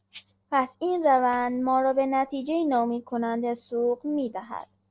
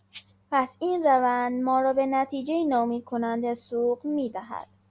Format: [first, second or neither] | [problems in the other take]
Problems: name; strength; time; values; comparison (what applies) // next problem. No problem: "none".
second | noise reduction (neural separator model SepFormer DNS4)